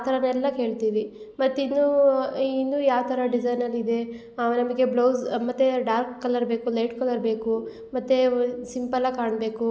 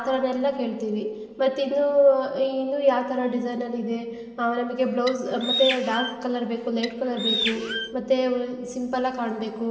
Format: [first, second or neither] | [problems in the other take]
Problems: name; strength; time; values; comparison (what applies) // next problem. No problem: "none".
first | background sound (Bird); 6 dB below the speech // room echo; dies away in 2.8 s